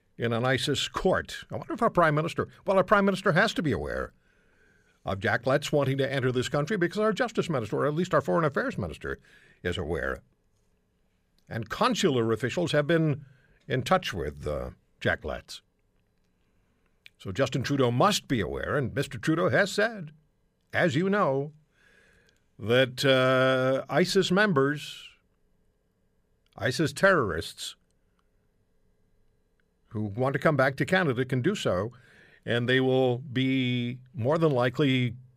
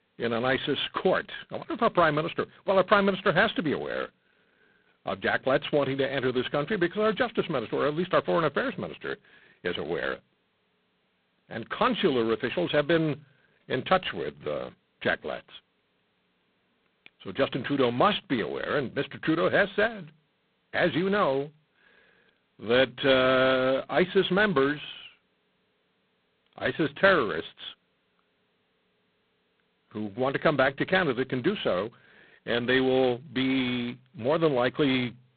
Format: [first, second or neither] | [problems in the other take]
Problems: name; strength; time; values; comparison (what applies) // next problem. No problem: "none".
first | phone-call audio; poor line; nothing above 4 kHz